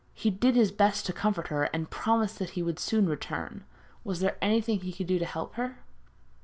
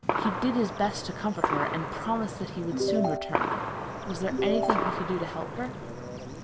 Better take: first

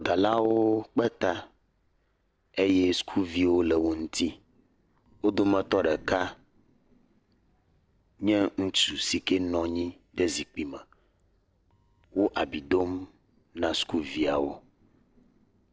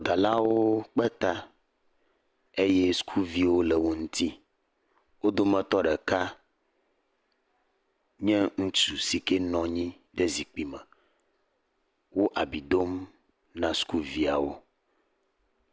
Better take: second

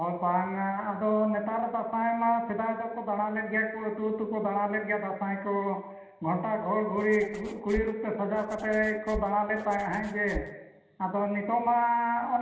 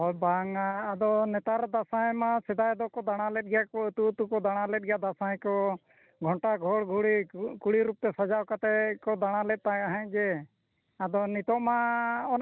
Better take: second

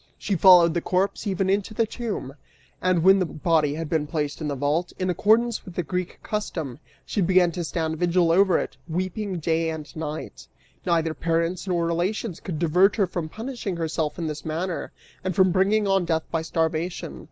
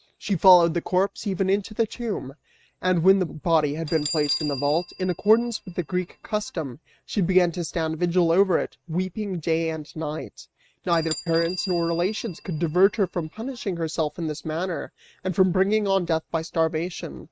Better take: first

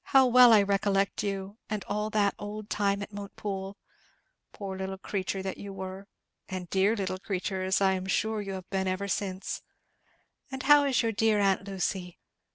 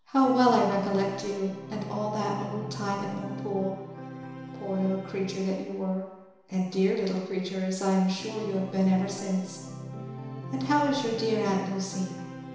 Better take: first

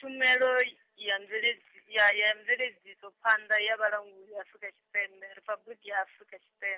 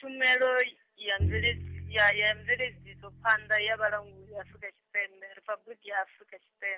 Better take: first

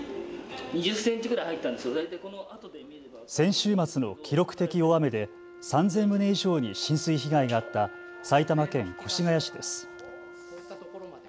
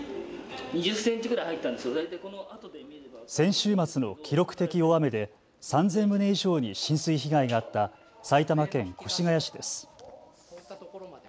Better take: second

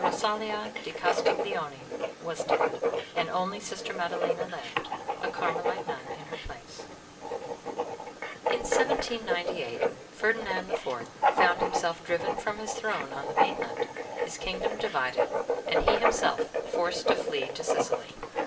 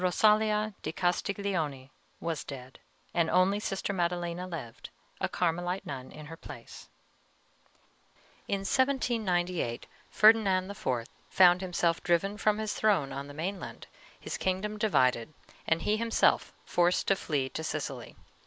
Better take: second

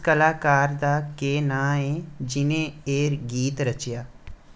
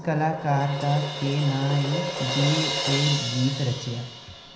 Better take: first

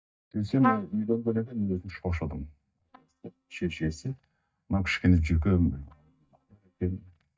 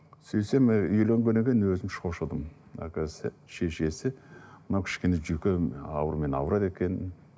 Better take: second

